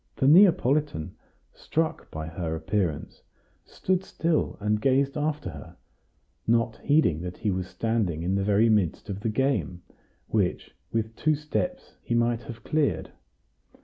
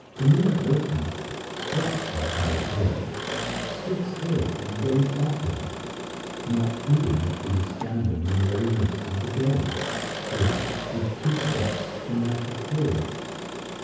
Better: first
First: none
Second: background sound (Engine); 7 dB below the speech // room echo; dies away in 1.1 s

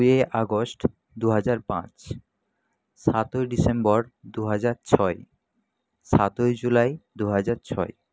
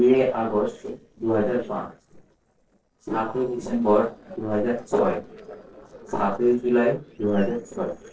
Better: first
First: none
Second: noise reduction (neural separator model SepFormer DNS4)

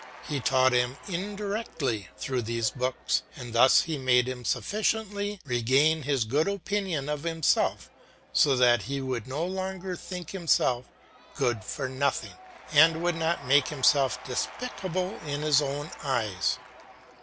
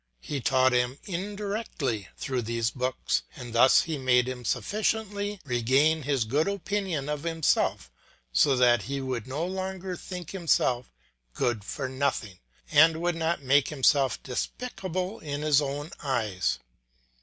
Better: second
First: background sound (Applause / Crowd / Cheering); 20 dB below the speech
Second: none

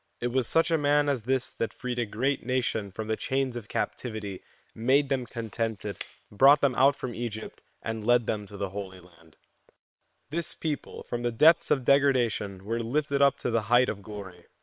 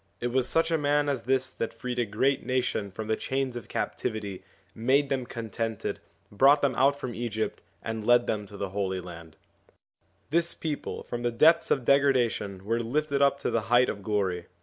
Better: second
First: noise reduction (neural separator model SepFormer WHAM!)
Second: none

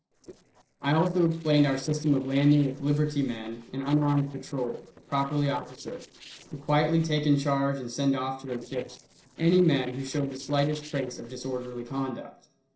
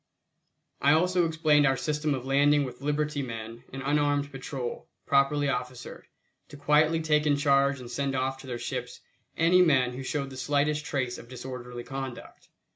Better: second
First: noise reduction (neural separator model SepFormer DNS4)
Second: none

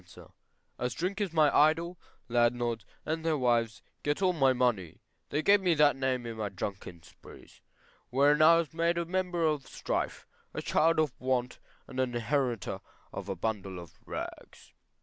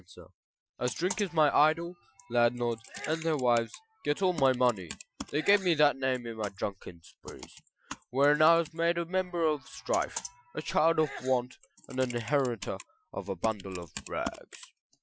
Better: first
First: none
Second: noise reduction (classical method Wiener filter)

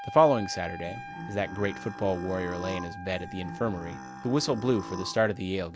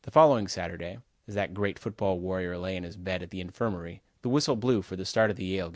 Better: second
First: background sound (Burping, eructation + Wind instrument, woodwind instrument); 11 dB below the speech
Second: none

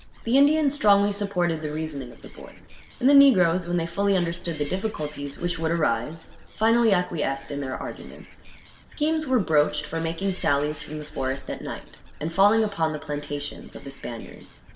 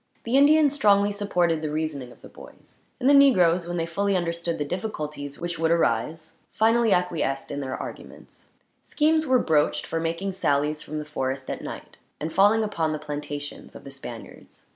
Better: second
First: background sound (Animal); 16 dB below the speech // room echo; dies away in 1.5 s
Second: none

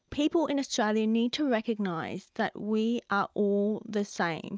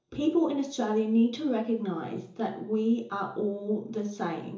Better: first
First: none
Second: room echo; dies away in 0.7 s

